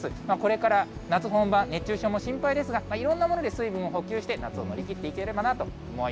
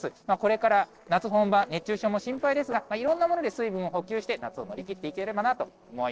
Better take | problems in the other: first | noise reduction (neural separator model SepFormer DNS4)

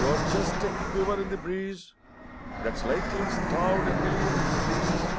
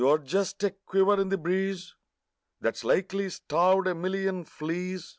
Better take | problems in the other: second | background sound (Fixed-wing aircraft, airplane); 3 dB above the speech

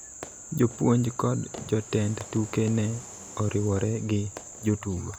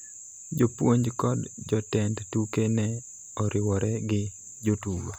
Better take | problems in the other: second | background sound (Fireworks + Fixed-wing aircraft, airplane); 20 dB below the speech

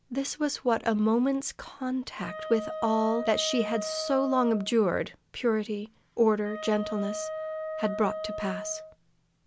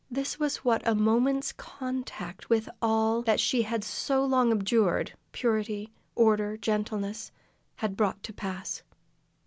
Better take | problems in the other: second | background sound (Wind instrument, woodwind instrument); 8 dB below the speech

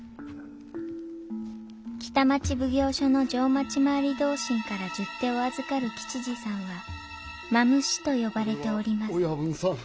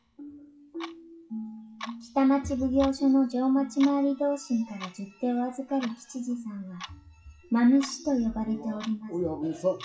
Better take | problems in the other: first | noise reduction (classical method WPE with log-MMSE)

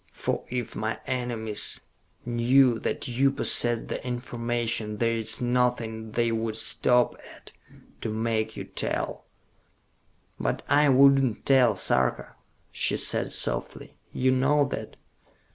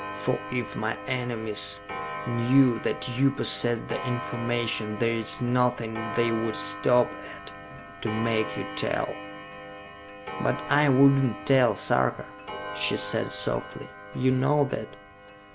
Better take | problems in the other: first | background sound (Clock); 11 dB below the speech

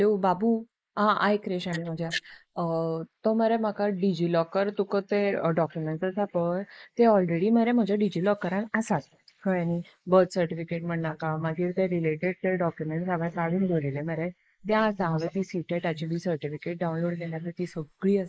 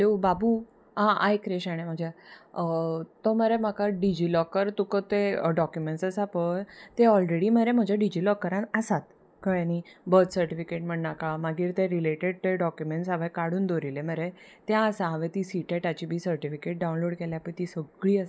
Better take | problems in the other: second | noise reduction (neural mask model Resemble Enhance denoiser)

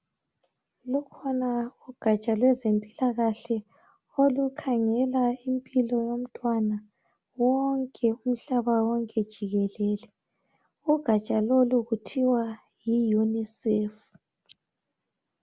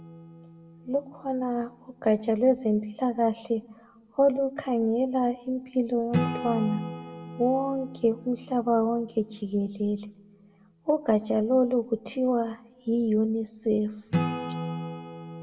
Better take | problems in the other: first | background sound (Acoustic guitar / Strum); 11 dB below the speech // room echo; dies away in 0.5 s

